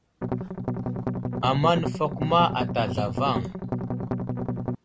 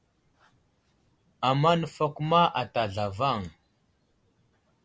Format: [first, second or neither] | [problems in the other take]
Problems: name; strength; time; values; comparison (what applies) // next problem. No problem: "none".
second | background sound (Strum); 1 dB below the speech